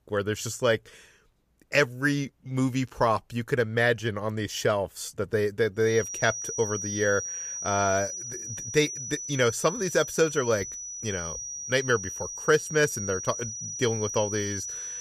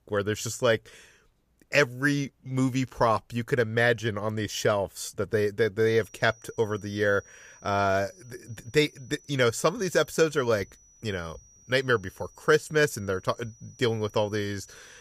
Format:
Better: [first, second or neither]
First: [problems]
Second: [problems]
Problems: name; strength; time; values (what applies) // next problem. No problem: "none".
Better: second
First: high-pitched whine; loud; from 6 s on; 6 kHz, 6 dB below the speech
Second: high-pitched whine; faint; from 6 s on; 6 kHz, 25 dB below the speech